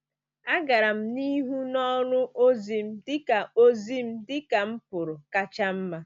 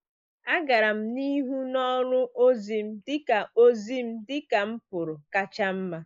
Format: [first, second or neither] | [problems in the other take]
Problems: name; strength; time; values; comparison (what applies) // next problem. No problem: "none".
first | noise reduction (neural mask model Resemble Enhance denoiser)